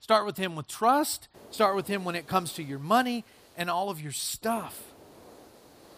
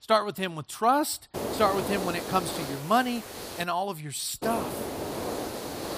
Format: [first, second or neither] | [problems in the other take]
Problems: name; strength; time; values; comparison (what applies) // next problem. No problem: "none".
first | hiss; loud; from 1.5 to 3.5 s and from 4.5 s on; 6 dB below the speech; faint in the first